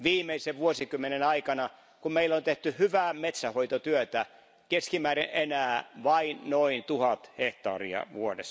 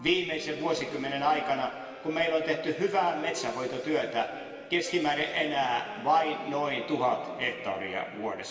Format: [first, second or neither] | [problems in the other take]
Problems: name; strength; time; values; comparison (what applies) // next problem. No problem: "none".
first | background sound (Wind instrument, woodwind instrument); 19 dB below the speech // room echo; dies away in 2.5 s